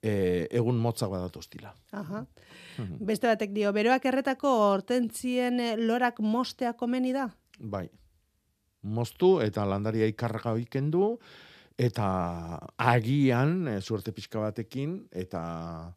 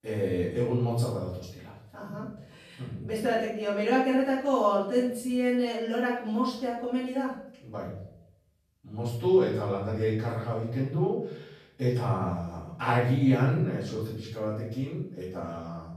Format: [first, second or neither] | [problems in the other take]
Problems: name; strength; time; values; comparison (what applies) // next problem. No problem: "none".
first | off-mic speech; far // room echo; noticeable; dies away in 0.6 s